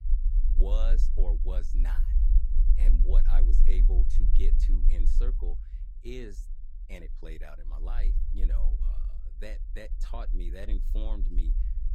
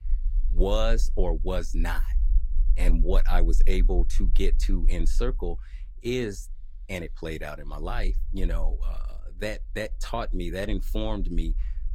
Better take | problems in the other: second | low rumble; loud; throughout; 7 dB below the speech; faint in the second

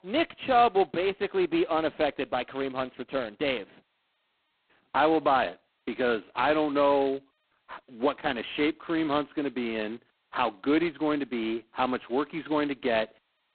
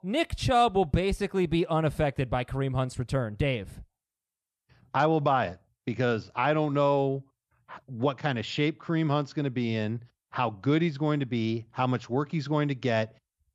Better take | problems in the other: second | phone-call audio; poor line; nothing above 4 kHz

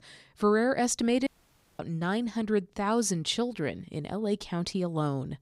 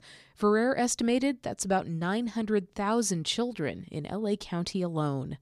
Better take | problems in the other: second | audio cutting out; at 1.5 s for 0.5 s

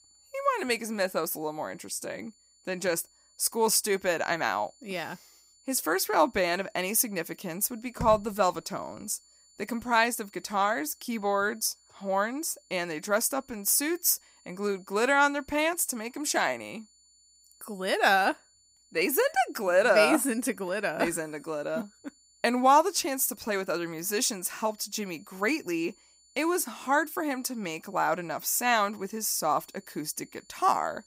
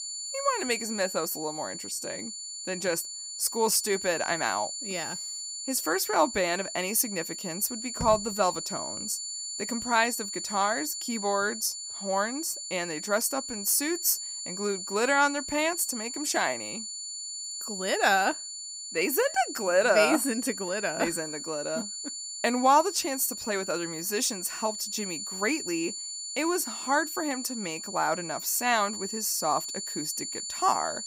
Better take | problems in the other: first | high-pitched whine; loud; throughout; 7 kHz, 6 dB below the speech; faint in the first

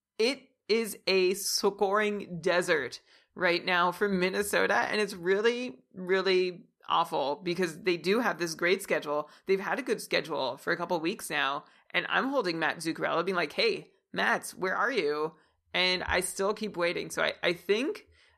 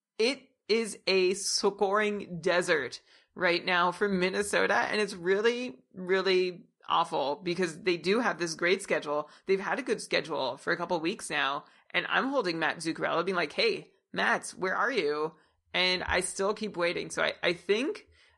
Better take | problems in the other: first | garbled, watery; slightly; nothing above 10.5 kHz

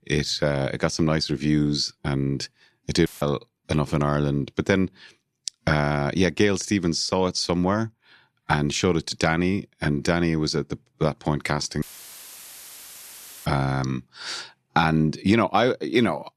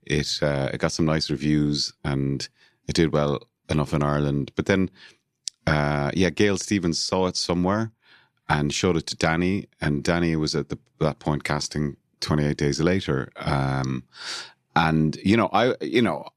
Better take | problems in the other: second | audio cutting out; filled with static; at 3 s and at 12 s for 1.5 s

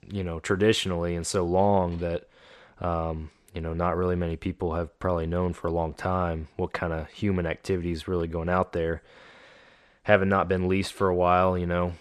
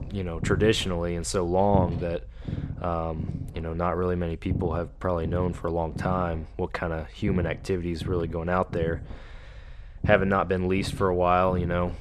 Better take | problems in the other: first | low rumble; noticeable; throughout; 15 dB below the speech

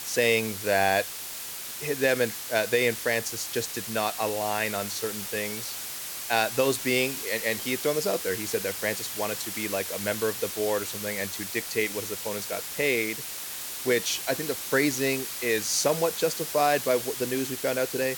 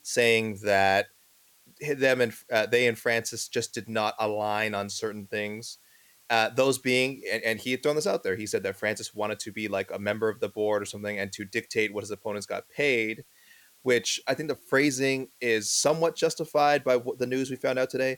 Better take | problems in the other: second | hiss; loud; throughout; 5 dB below the speech; faint in the second

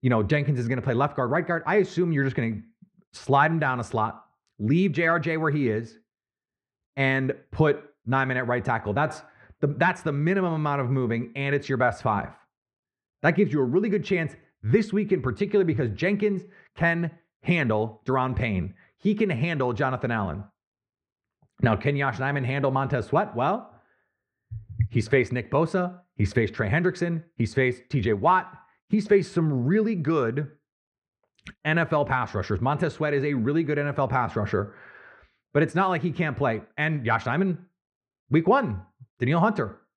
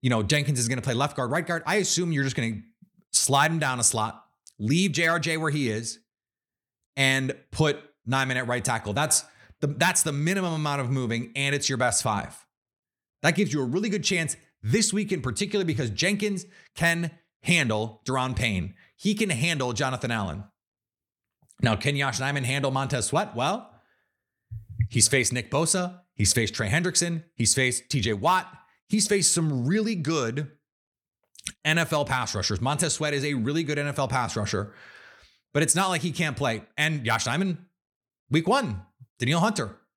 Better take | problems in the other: second | muffled; very; fading above 1.5 kHz

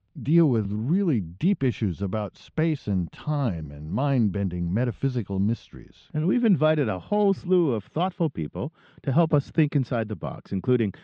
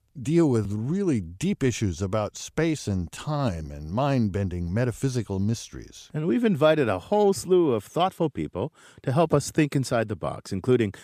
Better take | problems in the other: second | muffled; slightly; fading above 4 kHz

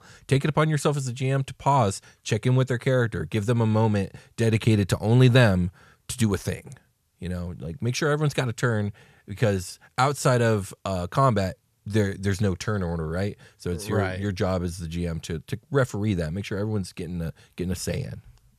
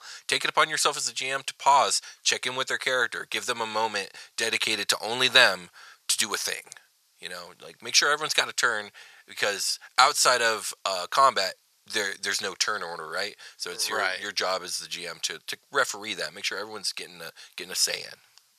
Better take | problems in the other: first | thin; very; fading below 950 Hz

